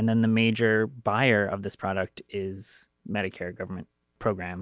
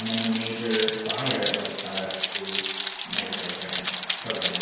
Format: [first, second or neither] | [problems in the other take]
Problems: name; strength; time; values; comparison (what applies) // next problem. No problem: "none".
first | background sound (Rain); as loud as the speech // room echo; dies away in 1.2 s